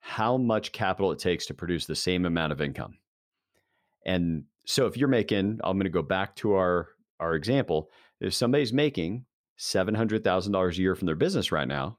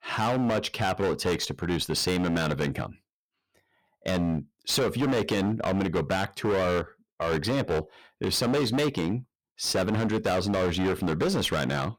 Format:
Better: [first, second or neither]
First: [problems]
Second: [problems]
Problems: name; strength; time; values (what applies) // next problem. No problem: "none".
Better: first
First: none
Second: distortion; heavy; 22% of the sound clipped